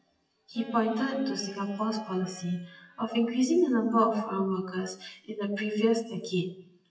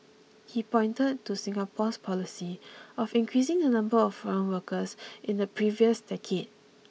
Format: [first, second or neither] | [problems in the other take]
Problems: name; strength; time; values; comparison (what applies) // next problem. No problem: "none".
second | noise reduction (classical method WPE with log-MMSE)